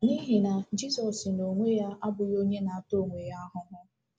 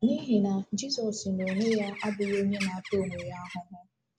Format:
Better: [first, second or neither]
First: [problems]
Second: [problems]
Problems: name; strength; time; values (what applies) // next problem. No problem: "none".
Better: first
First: none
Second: background sound (Bird); 12 dB below the speech